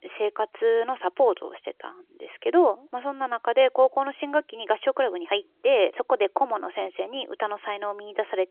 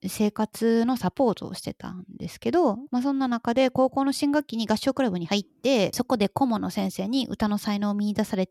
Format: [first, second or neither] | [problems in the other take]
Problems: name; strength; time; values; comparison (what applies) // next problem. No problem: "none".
second | phone-call audio; nothing above 3.5 kHz